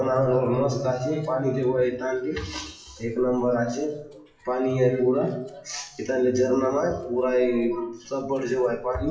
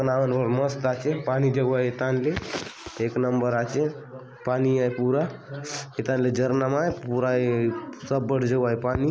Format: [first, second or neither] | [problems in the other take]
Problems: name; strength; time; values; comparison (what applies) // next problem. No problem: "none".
second | noise reduction (classical method WPE with log-MMSE)